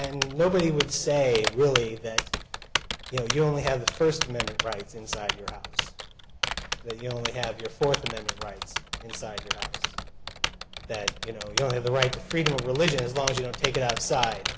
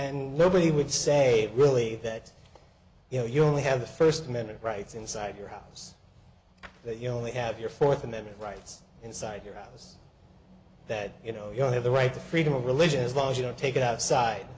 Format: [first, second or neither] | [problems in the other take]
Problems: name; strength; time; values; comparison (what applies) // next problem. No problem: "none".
second | background sound (Typing); 4 dB below the speech